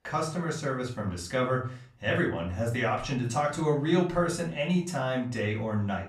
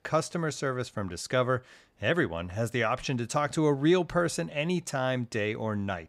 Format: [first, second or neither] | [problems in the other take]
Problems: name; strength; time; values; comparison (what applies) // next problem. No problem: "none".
second | off-mic speech; far // room echo; slight; dies away in 0.3 s